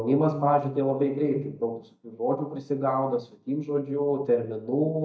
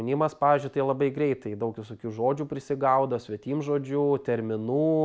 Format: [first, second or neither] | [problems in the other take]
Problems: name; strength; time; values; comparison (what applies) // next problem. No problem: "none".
second | noise reduction (neural mask model DeepFilterNet 3)